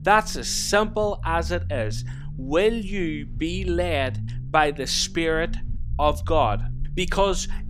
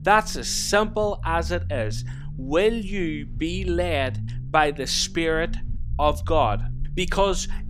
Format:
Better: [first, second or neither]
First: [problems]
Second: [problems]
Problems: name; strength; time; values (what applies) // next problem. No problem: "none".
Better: neither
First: low rumble; faint; throughout; 25 dB below the speech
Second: low rumble; faint; throughout; 25 dB below the speech